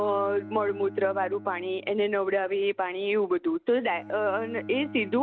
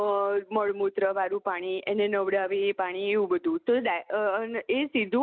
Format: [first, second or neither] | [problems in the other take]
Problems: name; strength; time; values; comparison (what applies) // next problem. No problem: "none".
second | background sound (Bowed string instrument); 17 dB below the speech